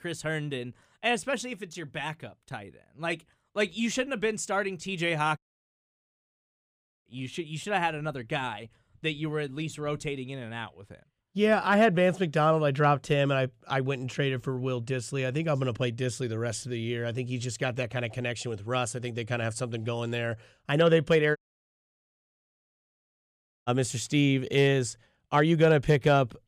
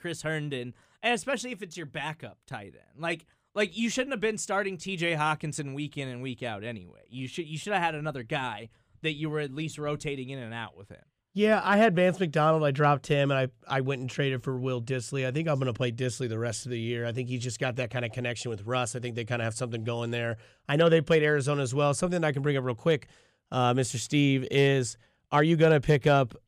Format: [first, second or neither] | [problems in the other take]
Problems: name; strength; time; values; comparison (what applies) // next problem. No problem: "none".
second | audio cutting out; at 5.5 s for 1.5 s and at 21 s for 2.5 s